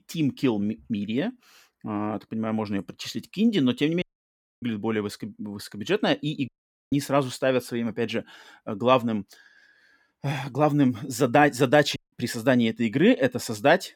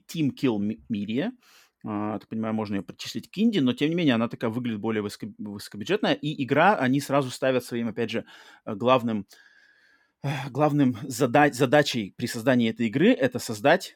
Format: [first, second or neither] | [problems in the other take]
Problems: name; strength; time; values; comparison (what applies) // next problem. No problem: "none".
second | audio cutting out; at 4 s for 0.5 s, at 6.5 s and at 12 s